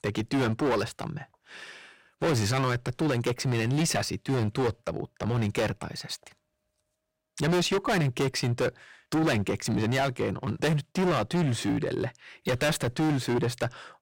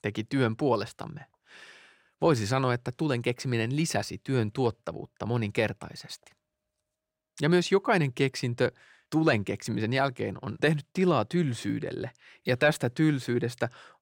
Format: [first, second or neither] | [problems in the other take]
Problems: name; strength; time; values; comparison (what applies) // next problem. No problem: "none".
second | distortion; heavy; 16% of the sound clipped